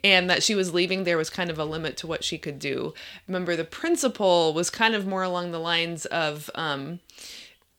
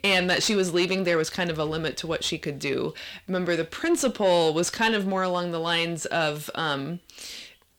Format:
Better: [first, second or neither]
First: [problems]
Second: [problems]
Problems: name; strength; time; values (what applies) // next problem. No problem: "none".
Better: first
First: none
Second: distortion; slight; 10 dB below the speech